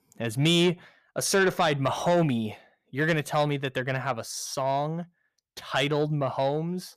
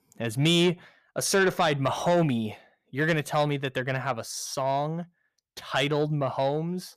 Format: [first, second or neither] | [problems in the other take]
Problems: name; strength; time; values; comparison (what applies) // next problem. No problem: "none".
neither | distortion; slight; 10 dB below the speech; the same in both